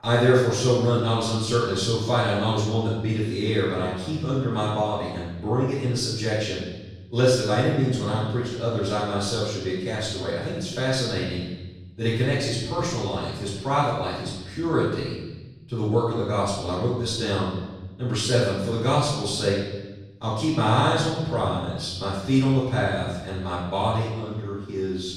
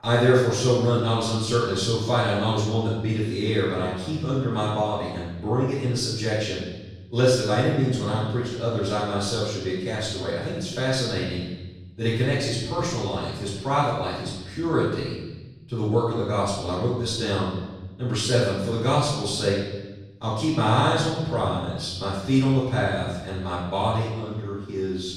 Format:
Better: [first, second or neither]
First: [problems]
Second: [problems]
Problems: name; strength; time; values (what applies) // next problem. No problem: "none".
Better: neither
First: off-mic speech; far // room echo; strong; dies away in 1.2 s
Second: off-mic speech; far // room echo; strong; dies away in 1.2 s